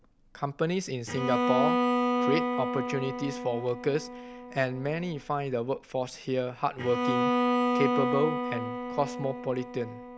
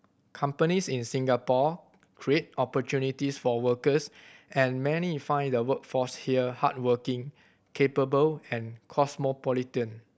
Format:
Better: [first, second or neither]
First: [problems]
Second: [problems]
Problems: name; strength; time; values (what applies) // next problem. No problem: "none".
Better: second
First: background sound (Bowed string instrument); as loud as the speech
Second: none